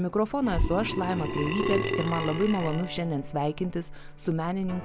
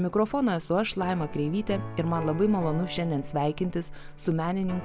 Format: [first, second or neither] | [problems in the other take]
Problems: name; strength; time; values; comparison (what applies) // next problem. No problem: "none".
second | background sound (Burping, eructation); 2 dB below the speech